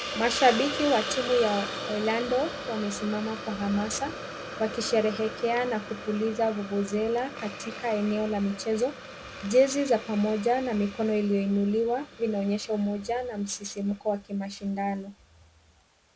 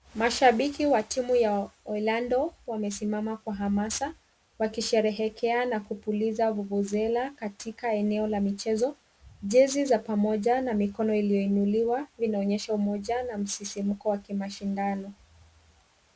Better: second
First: background sound (Hiss); 10 dB below the speech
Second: none

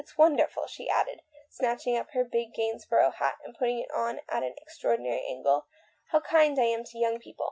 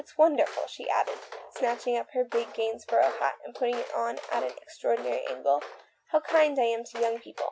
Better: first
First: none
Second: background sound (Walk, footsteps); 15 dB below the speech

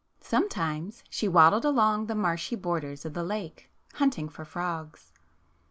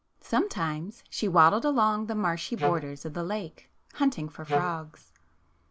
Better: first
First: none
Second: background sound (Wind instrument, woodwind instrument); 3 dB below the speech

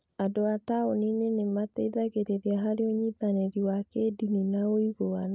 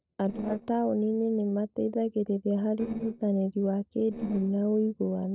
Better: first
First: none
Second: noise reduction (neural separator model SepFormer DNS4)

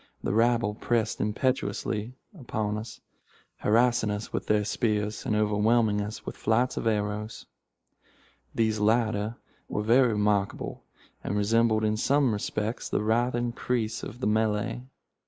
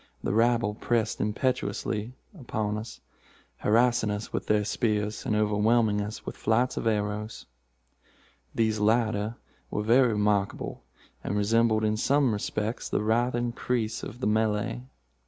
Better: second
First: noise reduction (neural mask model Resemble Enhance denoiser)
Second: none

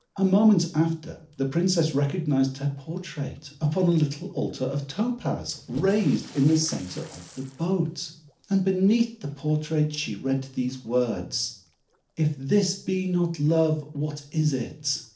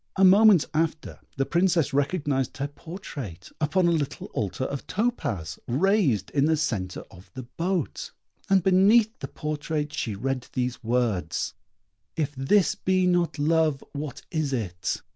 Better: second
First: noise reduction (neural separator model SepFormer DNS4)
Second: none

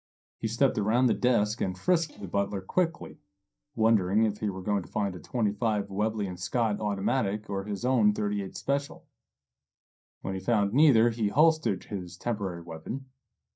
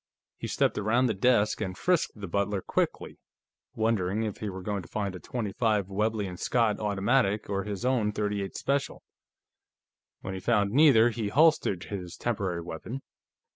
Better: second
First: noise reduction (neural mask model DeepFilterNet 3)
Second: none

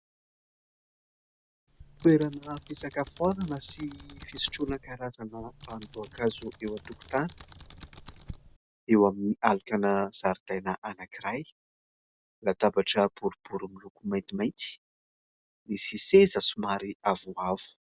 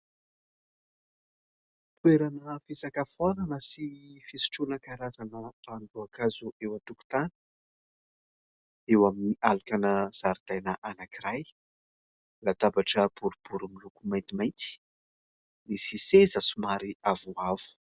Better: second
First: background sound (Computer keyboard); 18 dB below the speech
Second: none

